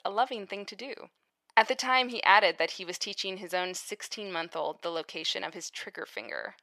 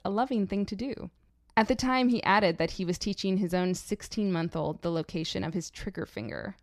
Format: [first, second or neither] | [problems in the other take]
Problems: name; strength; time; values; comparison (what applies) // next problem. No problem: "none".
second | thin; very; fading below 700 Hz